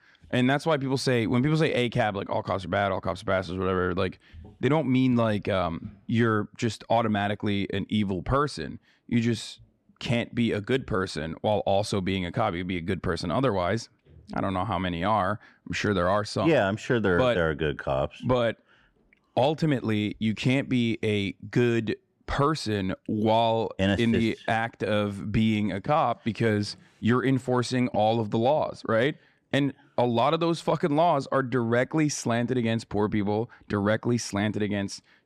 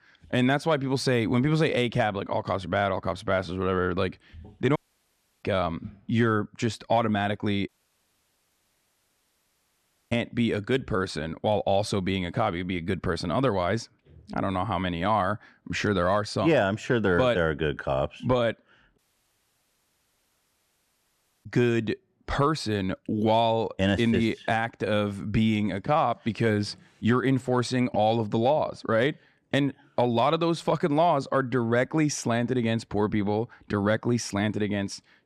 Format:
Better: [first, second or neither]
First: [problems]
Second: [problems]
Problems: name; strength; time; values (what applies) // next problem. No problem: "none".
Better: first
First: none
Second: audio cutting out; at 5 s for 0.5 s, at 7.5 s for 2.5 s and at 19 s for 2.5 s